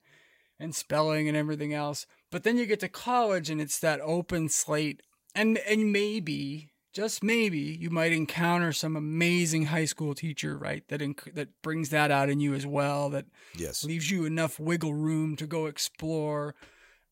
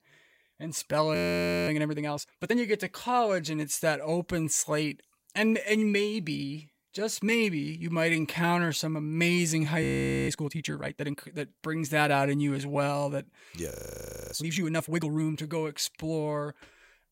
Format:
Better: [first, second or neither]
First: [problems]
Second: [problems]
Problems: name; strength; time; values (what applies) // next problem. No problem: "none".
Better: first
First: none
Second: audio freezing; at 1 s for 0.5 s, at 10 s and at 14 s for 0.5 s